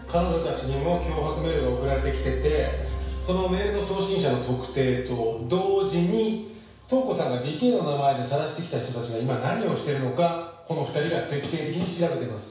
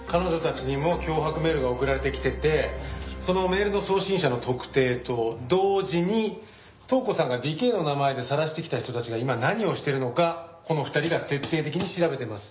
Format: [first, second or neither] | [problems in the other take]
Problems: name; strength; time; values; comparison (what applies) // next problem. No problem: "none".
second | room echo; dies away in 0.7 s